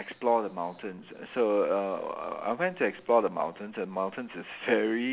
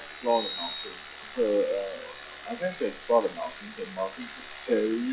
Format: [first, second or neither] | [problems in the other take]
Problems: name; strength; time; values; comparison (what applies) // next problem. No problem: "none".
first | noise reduction (classical method log-MMSE)